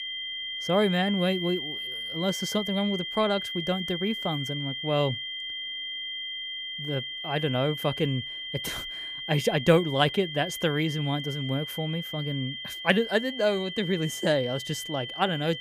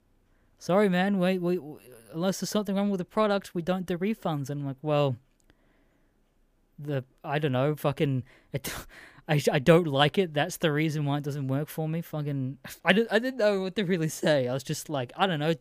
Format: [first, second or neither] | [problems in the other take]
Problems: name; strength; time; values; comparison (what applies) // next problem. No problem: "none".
second | high-pitched whine; loud; throughout; 3 kHz, 5 dB below the speech